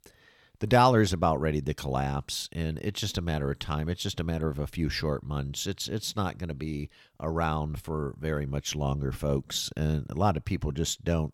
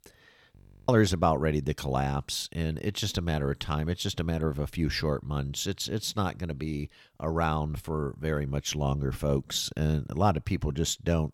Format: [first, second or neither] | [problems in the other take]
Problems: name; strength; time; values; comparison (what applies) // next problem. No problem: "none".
first | audio freezing; at 0.5 s